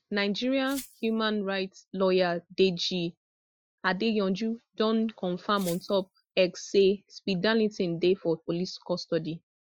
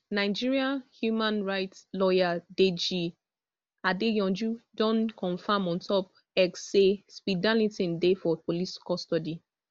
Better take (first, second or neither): second